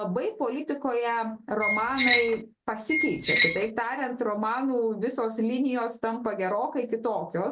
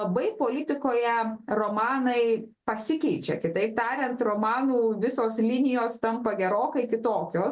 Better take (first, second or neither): second